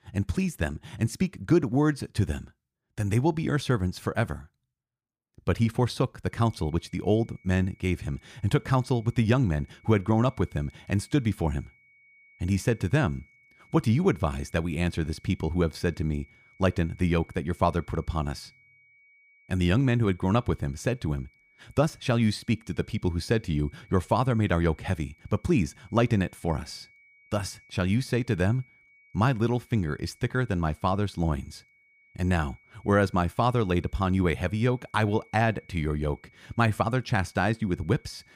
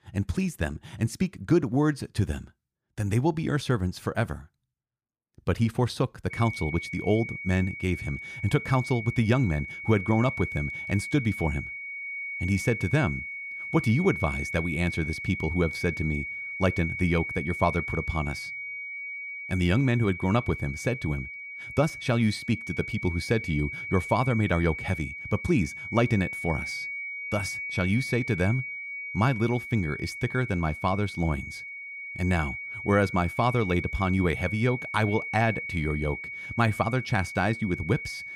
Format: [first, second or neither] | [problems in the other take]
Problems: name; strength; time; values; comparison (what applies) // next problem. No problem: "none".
first | high-pitched whine; loud; from 6.5 s on; 2 kHz, 7 dB below the speech; faint in the first